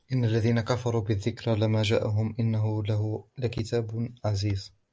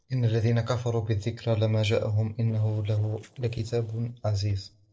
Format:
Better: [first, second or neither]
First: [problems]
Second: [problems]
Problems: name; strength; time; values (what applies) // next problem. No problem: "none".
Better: first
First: none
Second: noise reduction (neural separator model SepFormer DNS4)